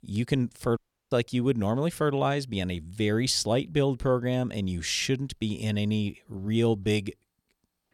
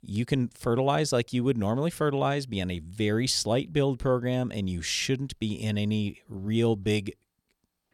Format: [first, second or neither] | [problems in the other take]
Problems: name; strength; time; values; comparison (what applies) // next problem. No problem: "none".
second | audio cutting out; at 1 s